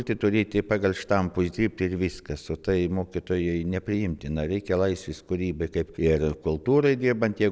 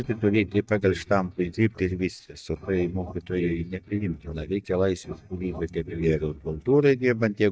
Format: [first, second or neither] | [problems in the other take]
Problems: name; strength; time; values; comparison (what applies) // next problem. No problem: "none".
first | noise reduction (neural mask model DeepFilterNet 3)